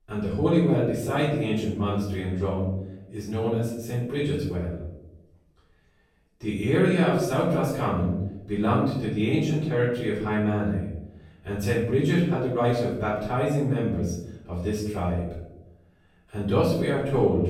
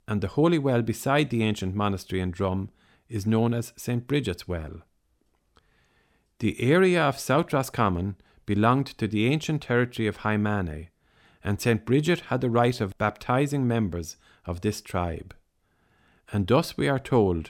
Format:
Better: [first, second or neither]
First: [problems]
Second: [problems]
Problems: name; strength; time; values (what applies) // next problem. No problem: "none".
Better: second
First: off-mic speech; far // room echo; noticeable; dies away in 0.8 s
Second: none